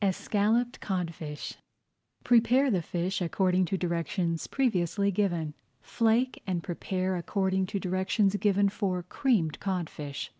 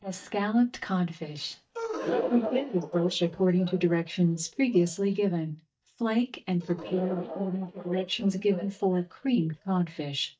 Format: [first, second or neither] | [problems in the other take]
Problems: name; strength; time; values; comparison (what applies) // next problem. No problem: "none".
first | noise reduction (neural mask model DeepFilterNet 3)